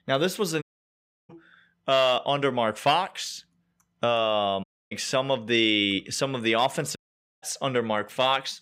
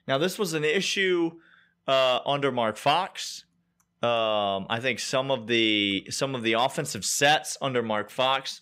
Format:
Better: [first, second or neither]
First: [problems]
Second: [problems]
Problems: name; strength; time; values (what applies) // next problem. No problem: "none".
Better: second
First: audio cutting out; at 0.5 s for 0.5 s, at 4.5 s and at 7 s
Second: none